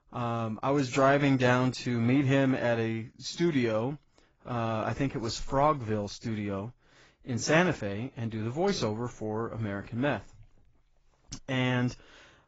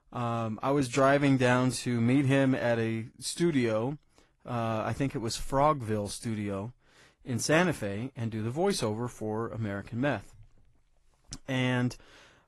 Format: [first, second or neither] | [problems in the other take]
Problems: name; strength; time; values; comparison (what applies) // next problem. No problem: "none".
second | garbled, watery; badly; nothing above 7.5 kHz; slightly in the second